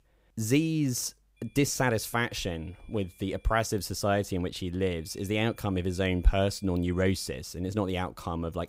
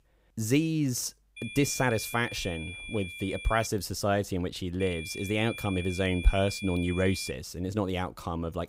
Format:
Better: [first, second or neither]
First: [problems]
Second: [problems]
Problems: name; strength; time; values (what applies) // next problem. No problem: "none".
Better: first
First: high-pitched whine; faint; from 1.5 to 3.5 s and from 5 to 7.5 s; 2.5 kHz, 30 dB below the speech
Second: high-pitched whine; loud; from 1.5 to 3.5 s and from 5 to 7.5 s; 2.5 kHz, 10 dB below the speech